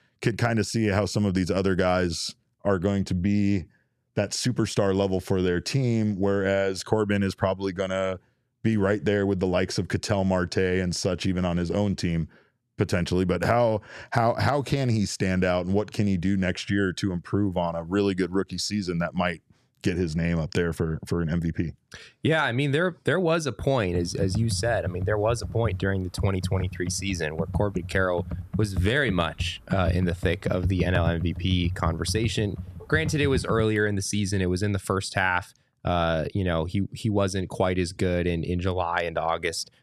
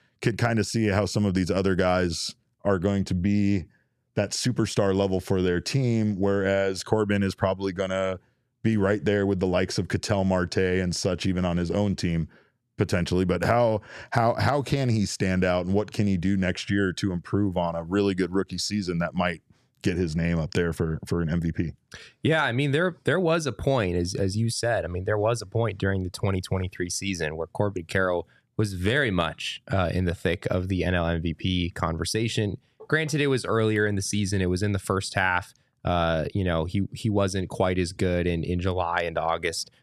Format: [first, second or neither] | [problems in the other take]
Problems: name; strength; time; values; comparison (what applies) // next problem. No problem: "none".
second | keyboard typing; noticeable; from 24 to 34 s; peak 3 dB below the speech